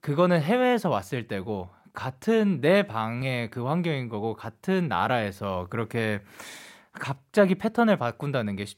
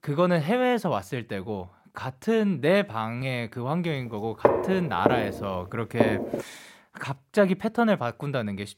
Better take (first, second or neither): first